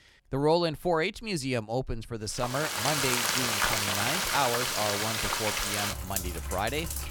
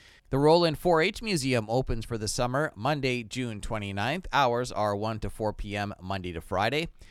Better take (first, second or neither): second